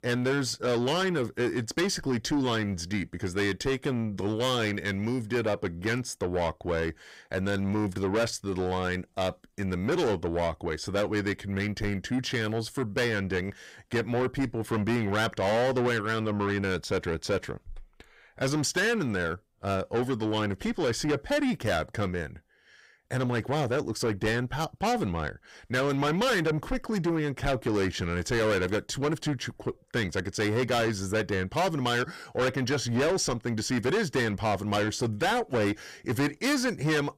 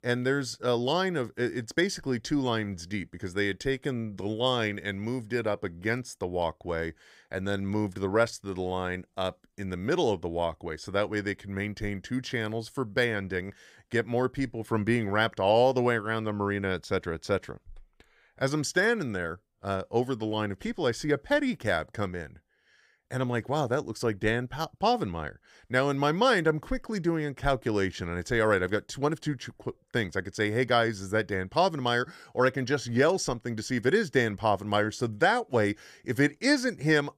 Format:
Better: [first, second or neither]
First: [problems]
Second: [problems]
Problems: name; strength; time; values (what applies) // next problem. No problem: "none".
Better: second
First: distortion; heavy; 6 dB below the speech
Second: none